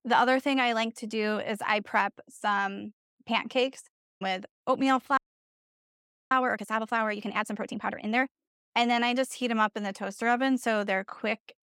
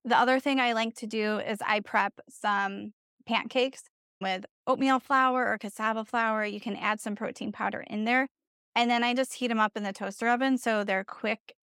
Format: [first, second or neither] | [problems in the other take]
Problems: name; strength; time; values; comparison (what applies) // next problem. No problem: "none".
second | audio freezing; at 5 s for 1 s